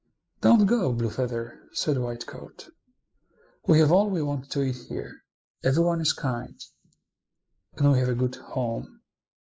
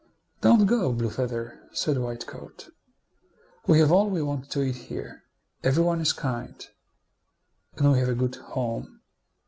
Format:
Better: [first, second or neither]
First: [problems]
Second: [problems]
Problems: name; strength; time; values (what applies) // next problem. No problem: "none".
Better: second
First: noise reduction (neural mask model Resemble Enhance denoiser)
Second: none